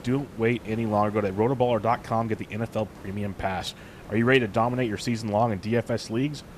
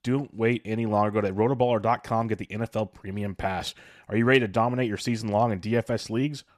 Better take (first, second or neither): second